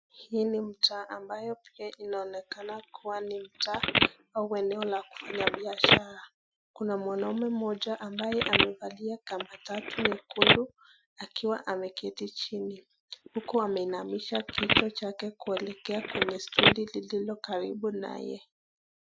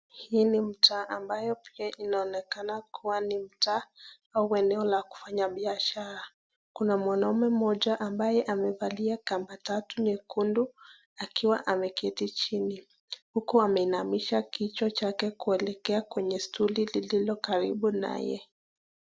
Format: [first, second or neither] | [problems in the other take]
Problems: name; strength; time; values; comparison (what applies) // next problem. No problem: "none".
second | noise reduction (classical method Wiener filter)